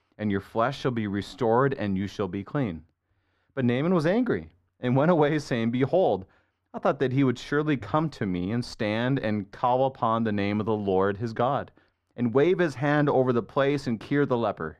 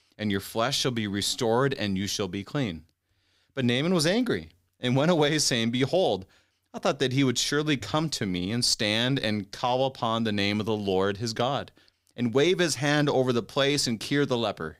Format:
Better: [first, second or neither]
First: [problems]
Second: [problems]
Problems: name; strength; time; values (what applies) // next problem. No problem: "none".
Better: second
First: muffled; very; fading above 3 kHz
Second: none